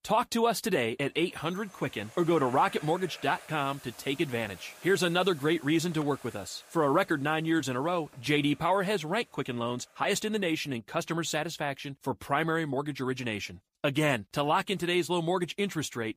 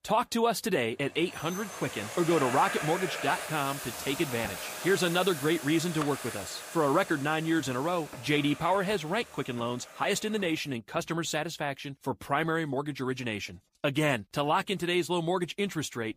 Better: first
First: household noises; faint; throughout; 20 dB below the speech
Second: household noises; loud; throughout; 9 dB below the speech

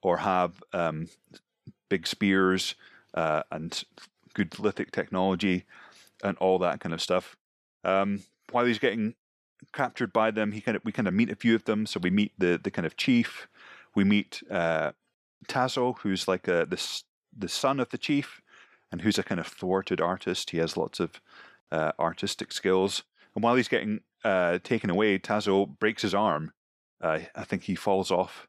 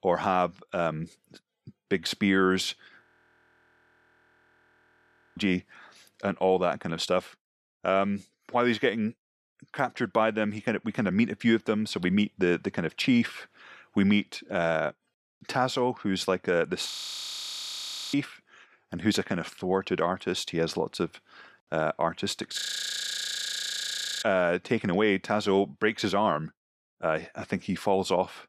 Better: first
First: none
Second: audio freezing; at 3 s for 2.5 s, at 17 s for 1 s and at 23 s for 1.5 s

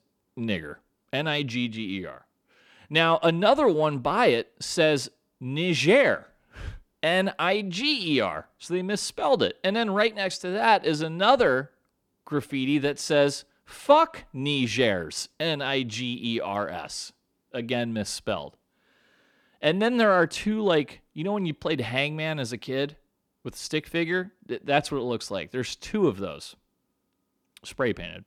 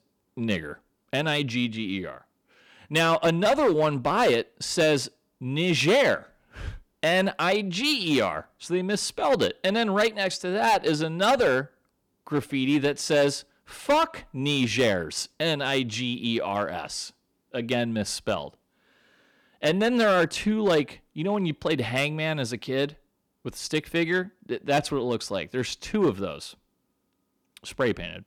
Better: first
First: none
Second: distortion; slight; 4% of the sound clipped

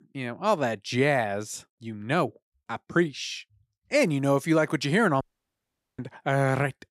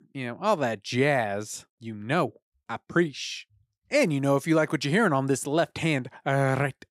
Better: second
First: audio cutting out; at 5 s for 1 s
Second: none

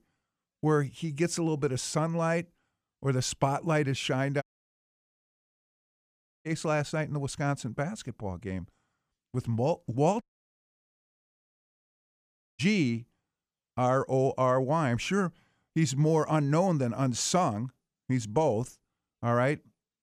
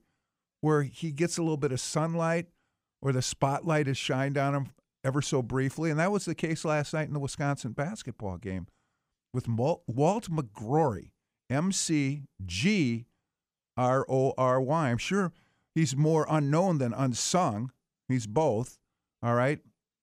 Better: second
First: audio cutting out; at 4.5 s for 2 s and at 10 s for 2.5 s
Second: none

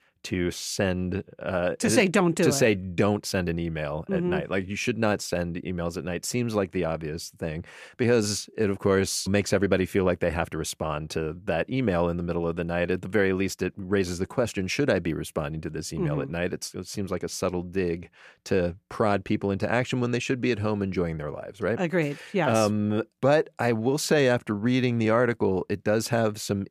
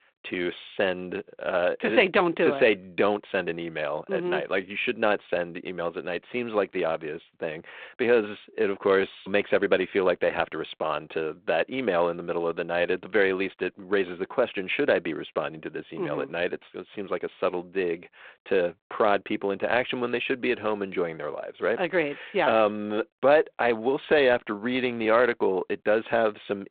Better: first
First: none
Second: phone-call audio; nothing above 4 kHz

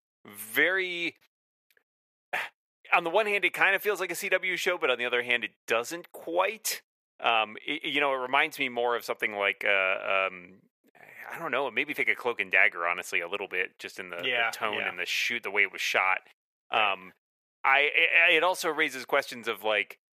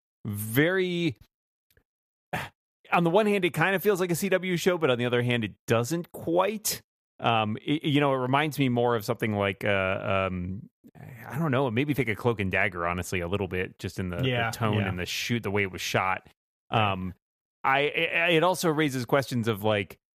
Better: second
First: thin; very; fading below 500 Hz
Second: none

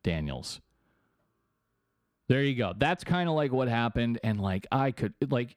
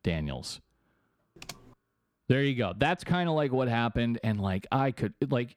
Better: first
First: none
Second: keyboard typing; faint; at 1.5 s; peak 15 dB below the speech

